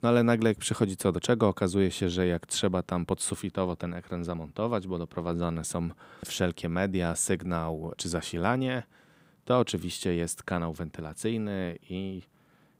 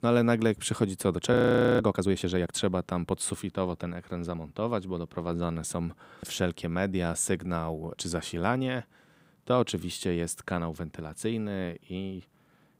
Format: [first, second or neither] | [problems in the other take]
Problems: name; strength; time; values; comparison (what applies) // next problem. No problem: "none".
first | audio freezing; at 1.5 s